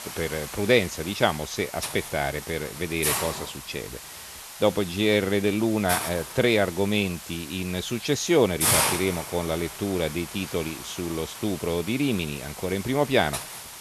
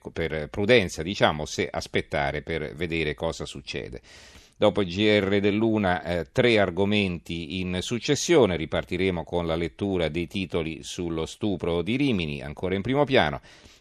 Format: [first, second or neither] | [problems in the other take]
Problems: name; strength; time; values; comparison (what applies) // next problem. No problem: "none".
second | hiss; loud; throughout; 6 dB below the speech